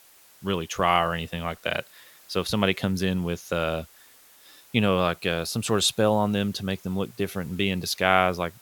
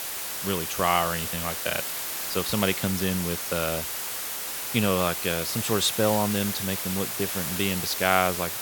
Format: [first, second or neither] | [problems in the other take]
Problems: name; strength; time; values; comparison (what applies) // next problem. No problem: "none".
first | hiss; loud; throughout; 2 dB below the speech; faint in the first